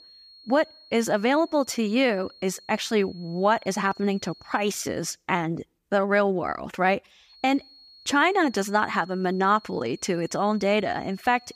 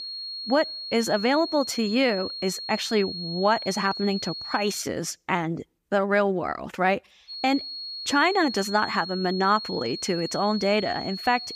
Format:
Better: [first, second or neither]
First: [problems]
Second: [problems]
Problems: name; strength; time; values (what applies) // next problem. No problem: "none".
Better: first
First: high-pitched whine; faint; until 5 s and from 7.5 s on; 4.5 kHz, 25 dB below the speech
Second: high-pitched whine; loud; until 5 s and from 7.5 s on; 4.5 kHz, 7 dB below the speech